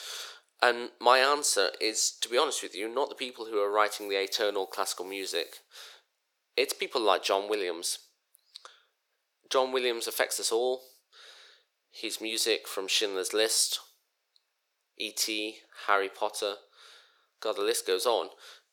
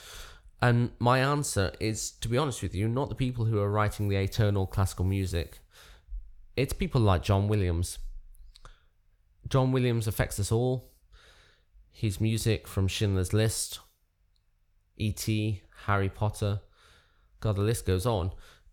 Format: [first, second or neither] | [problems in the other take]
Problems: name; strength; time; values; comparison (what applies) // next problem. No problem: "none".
second | thin; very; fading below 400 Hz